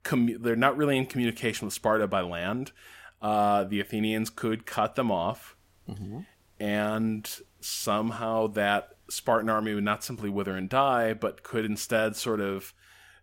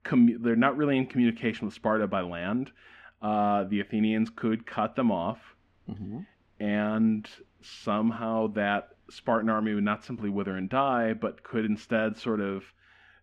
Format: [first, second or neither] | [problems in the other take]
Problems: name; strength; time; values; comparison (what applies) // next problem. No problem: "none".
first | muffled; slightly; fading above 2.5 kHz